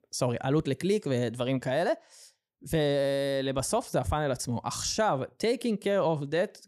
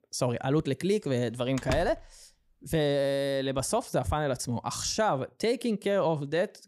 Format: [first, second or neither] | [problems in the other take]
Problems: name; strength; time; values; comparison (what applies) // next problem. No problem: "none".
first | door banging; noticeable; at 1.5 s; peak 6 dB below the speech